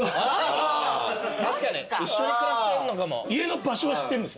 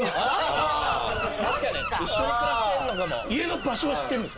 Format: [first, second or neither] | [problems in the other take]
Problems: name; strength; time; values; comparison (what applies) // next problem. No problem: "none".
first | background sound (Gull, seagull); 8 dB below the speech